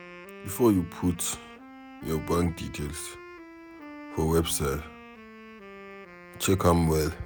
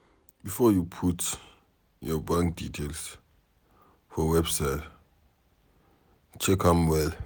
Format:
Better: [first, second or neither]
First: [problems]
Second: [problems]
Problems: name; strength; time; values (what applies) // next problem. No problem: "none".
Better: second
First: background sound (Wind instrument, woodwind instrument); 16 dB below the speech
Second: none